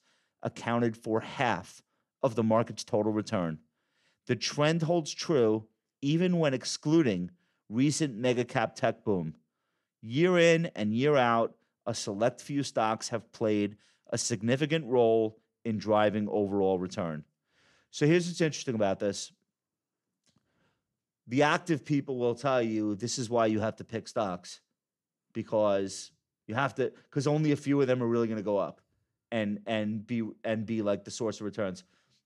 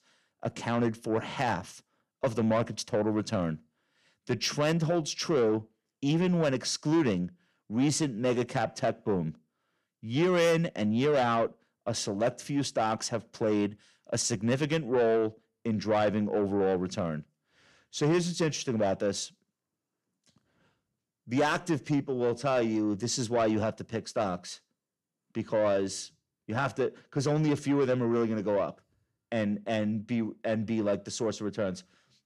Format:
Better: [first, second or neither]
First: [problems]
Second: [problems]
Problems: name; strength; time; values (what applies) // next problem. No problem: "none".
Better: first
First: none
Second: distortion; slight; 10 dB below the speech